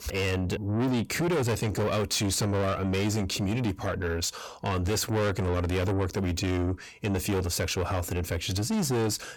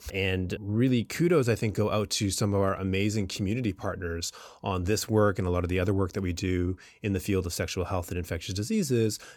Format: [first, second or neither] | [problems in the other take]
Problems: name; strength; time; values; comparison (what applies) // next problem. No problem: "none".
second | distortion; heavy; 6 dB below the speech